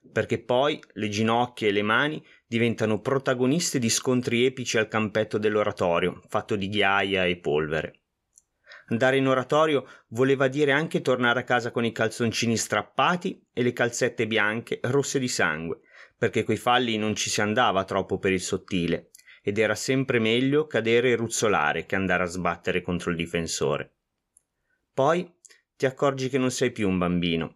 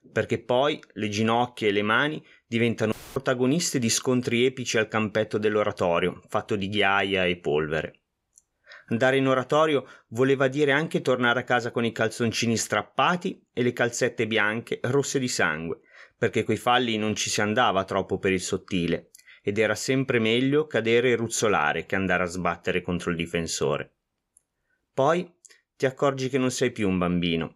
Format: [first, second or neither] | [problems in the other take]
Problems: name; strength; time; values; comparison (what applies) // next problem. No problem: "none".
first | audio cutting out; filled with static; at 3 s